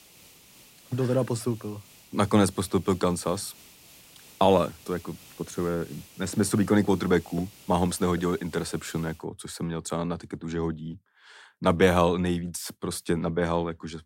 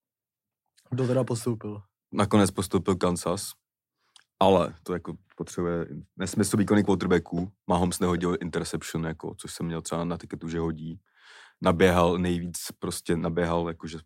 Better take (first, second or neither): second